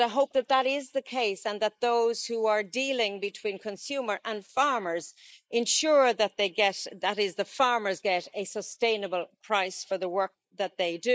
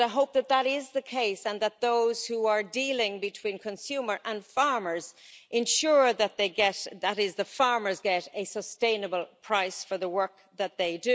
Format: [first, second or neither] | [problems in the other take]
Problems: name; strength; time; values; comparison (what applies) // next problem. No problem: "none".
second | noise reduction (neural mask model Resemble Enhance denoiser)